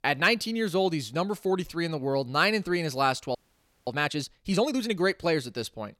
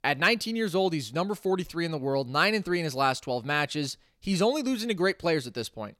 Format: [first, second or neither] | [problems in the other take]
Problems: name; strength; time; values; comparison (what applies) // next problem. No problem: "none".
second | audio freezing; at 3.5 s for 0.5 s